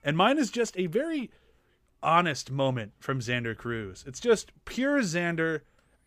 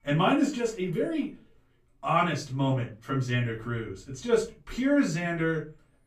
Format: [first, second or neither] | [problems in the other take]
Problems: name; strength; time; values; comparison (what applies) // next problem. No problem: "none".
first | off-mic speech; far // room echo; very slight; dies away in 0.3 s